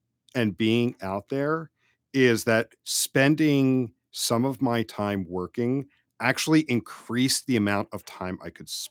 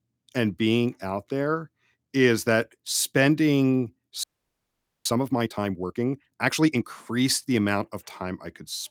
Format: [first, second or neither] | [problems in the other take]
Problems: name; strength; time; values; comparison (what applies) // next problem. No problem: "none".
first | audio freezing; at 4 s for 1 s